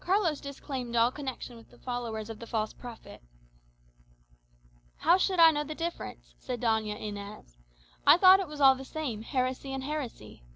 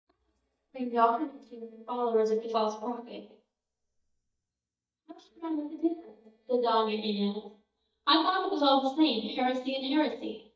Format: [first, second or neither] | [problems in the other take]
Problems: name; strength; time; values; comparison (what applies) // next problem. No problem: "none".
first | noise reduction (neural mask model DeepFilterNet 3)